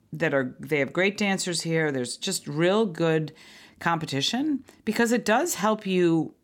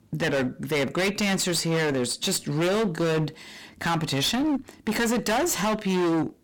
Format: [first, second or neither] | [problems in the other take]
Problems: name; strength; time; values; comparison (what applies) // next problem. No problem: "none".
first | distortion; heavy; 29% of the sound clipped